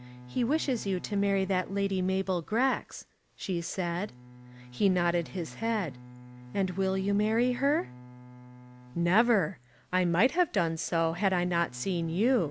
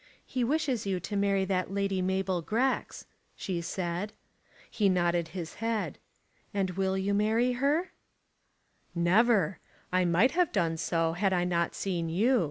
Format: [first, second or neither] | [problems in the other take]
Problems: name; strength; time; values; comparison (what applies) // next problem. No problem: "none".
second | background sound (Bowed string instrument); 19 dB below the speech